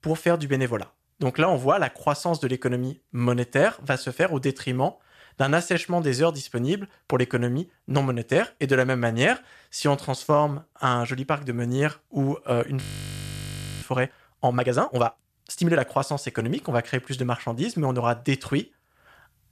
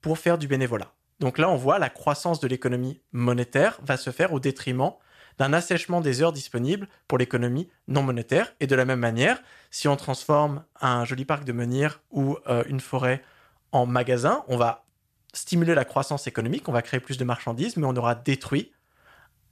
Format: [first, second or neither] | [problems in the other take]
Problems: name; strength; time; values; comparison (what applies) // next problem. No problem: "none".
second | audio freezing; at 13 s for 1 s